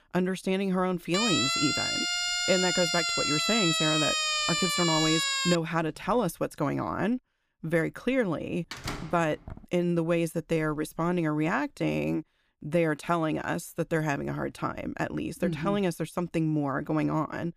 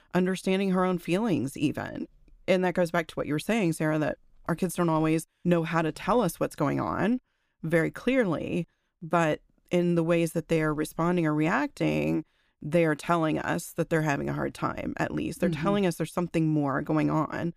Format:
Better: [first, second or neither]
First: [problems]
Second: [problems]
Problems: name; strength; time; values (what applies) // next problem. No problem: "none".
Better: second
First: siren; loud; from 1 to 5.5 s; peak 4 dB above the speech // door banging; noticeable; at 8.5 s; peak 7 dB below the speech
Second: none